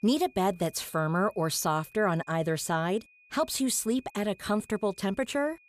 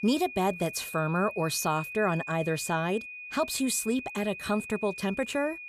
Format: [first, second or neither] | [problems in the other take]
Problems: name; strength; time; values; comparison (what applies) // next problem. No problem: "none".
first | high-pitched whine; loud; throughout; 2.5 kHz, 10 dB below the speech; faint in the first